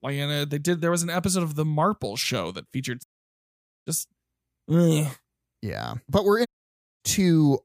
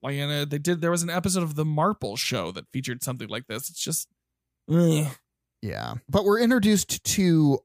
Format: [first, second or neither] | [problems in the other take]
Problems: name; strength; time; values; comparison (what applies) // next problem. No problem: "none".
second | audio cutting out; at 3 s for 1 s and at 6.5 s for 0.5 s